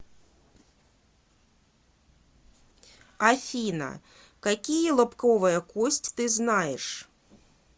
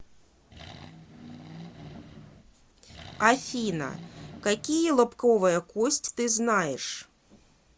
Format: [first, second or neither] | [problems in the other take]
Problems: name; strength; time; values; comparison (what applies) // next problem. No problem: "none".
first | background sound (Accelerating, revving, vroom); 17 dB below the speech